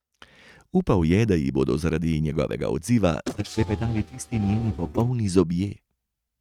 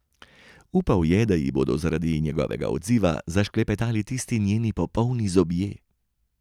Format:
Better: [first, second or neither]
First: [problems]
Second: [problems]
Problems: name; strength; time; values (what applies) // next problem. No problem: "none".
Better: second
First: noise reduction (neural mask model RNNoise)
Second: none